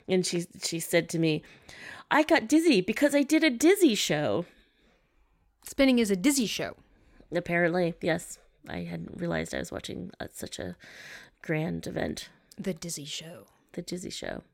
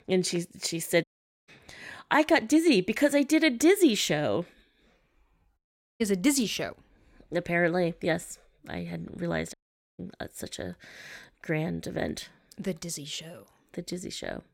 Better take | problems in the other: first | audio cutting out; at 1 s, at 5.5 s and at 9.5 s

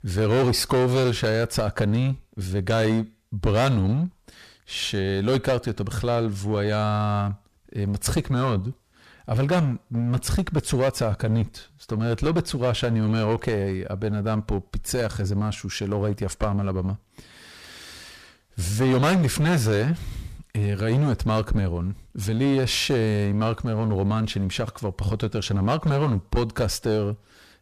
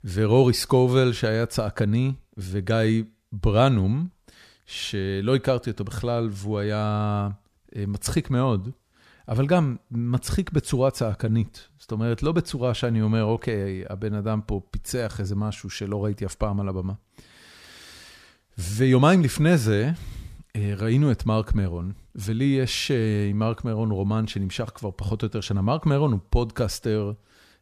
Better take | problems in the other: second | distortion; heavy; 13% of the sound clipped

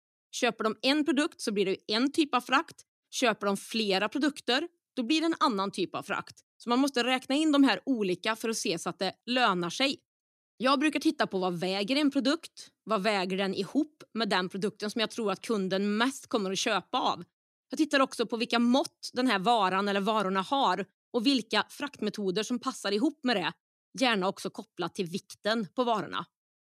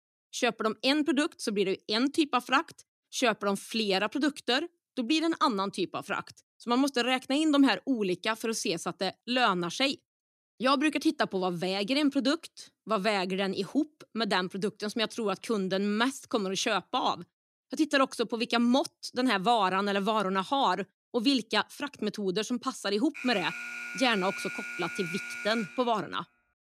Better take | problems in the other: first | alarm; noticeable; from 23 to 26 s; peak 7 dB below the speech

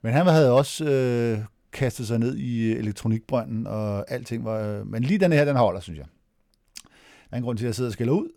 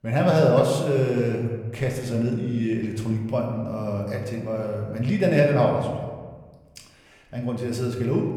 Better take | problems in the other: first | room echo; noticeable; dies away in 1.2 s // off-mic speech; somewhat distant

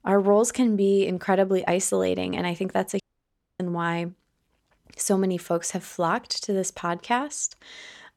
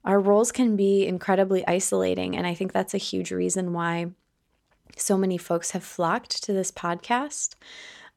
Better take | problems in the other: second | audio cutting out; at 3 s for 0.5 s

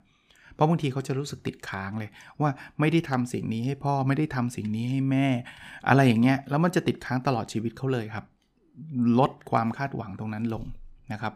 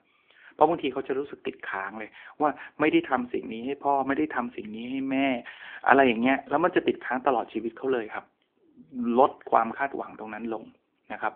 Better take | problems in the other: first | phone-call audio

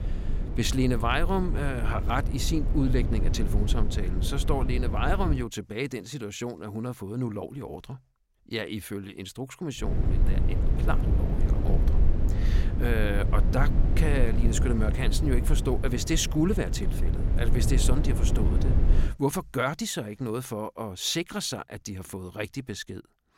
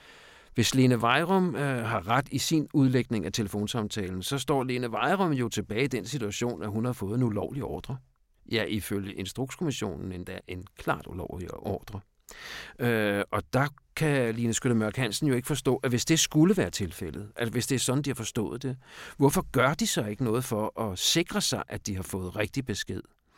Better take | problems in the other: second | low rumble; loud; until 5.5 s and from 10 to 19 s; 8 dB below the speech

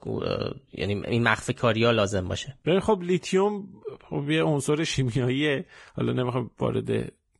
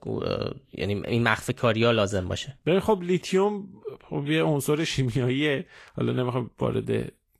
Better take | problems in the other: second | garbled, watery; badly; nothing above 10.5 kHz; slightly in the second

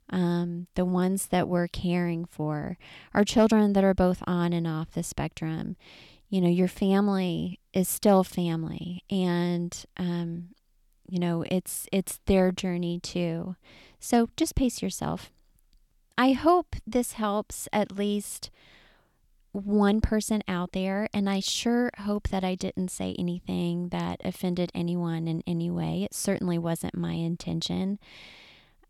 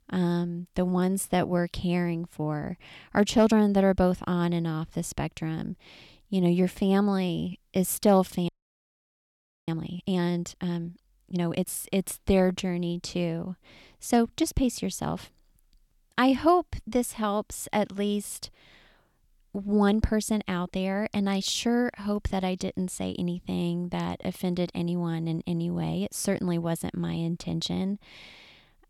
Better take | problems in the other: first | audio freezing; at 8.5 s for 1 s

